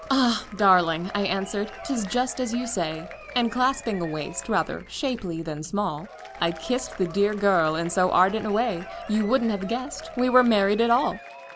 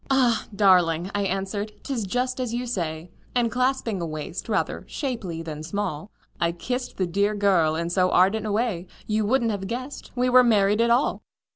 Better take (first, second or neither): second